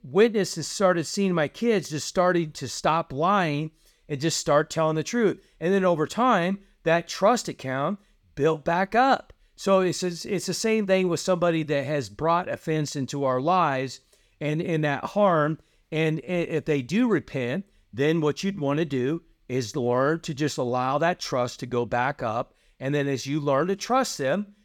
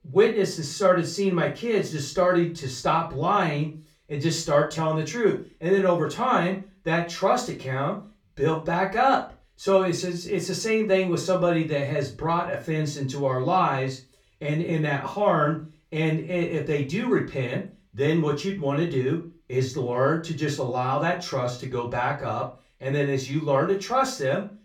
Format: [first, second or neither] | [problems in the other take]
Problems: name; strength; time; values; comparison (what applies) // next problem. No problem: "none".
first | off-mic speech; far // room echo; very slight; dies away in 0.3 s